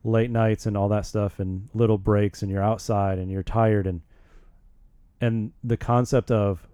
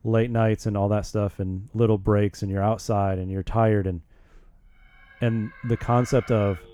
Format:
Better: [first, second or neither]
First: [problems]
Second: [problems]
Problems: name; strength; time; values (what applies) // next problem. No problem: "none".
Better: first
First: none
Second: alarms or sirens; noticeable; from 5 s on; 20 dB below the speech